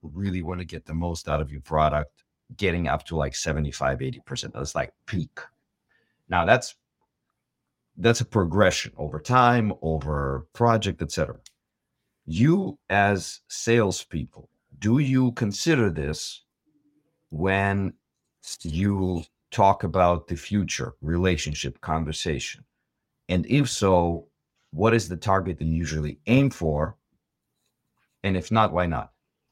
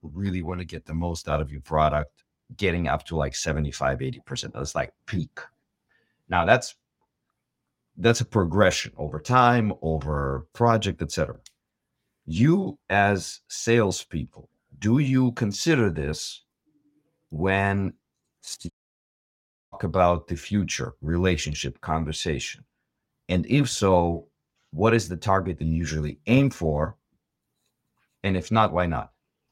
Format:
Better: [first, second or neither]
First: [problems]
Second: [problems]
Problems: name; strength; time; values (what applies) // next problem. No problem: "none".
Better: first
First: none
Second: audio cutting out; at 19 s for 1 s